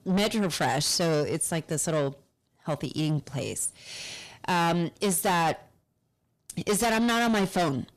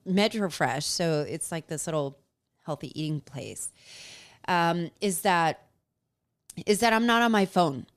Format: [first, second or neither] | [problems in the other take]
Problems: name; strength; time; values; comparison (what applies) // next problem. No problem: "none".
second | distortion; heavy; 6 dB below the speech